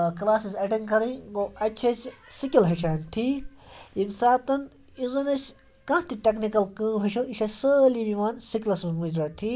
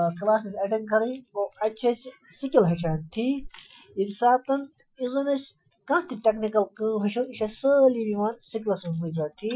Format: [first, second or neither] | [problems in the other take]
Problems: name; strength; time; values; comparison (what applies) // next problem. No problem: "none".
first | noise reduction (classical method Wiener filter)